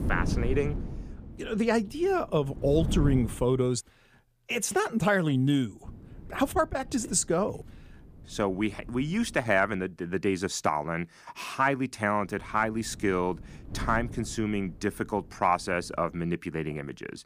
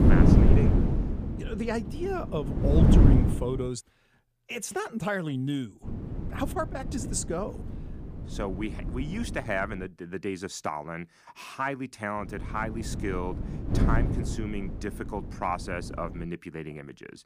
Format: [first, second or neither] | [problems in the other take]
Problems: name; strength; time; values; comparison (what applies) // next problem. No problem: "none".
first | wind noise on the microphone; heavy; until 3.5 s, from 6 to 10 s and from 12 to 16 s; 2 dB below the speech; occasional gusts in the first